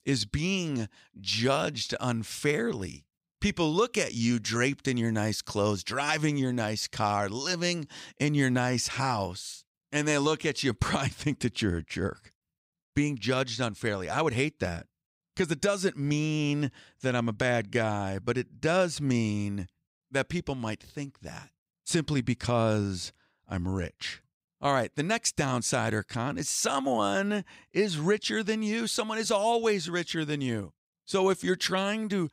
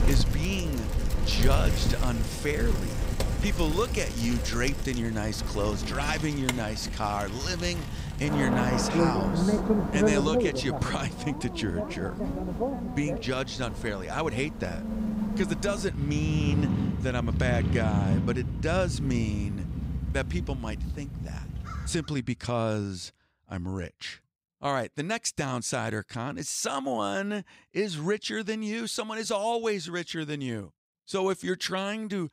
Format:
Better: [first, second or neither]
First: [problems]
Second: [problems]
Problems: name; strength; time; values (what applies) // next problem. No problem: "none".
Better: first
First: none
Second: traffic noise; very loud; until 22 s; as loud as the speech